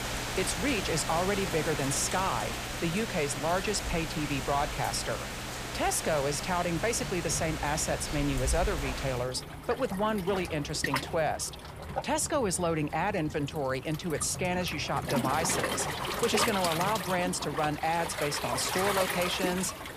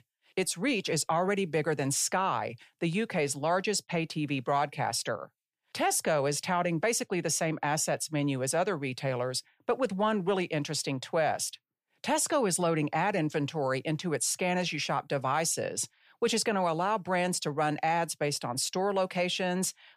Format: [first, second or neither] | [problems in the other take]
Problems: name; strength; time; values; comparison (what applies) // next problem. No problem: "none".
second | rain or running water; loud; throughout; 4 dB below the speech